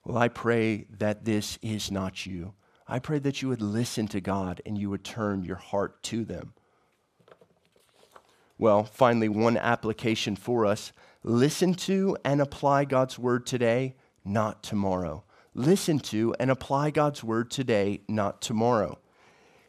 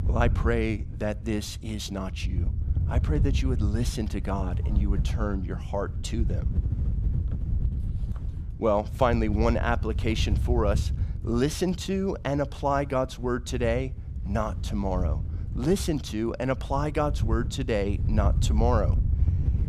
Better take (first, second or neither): first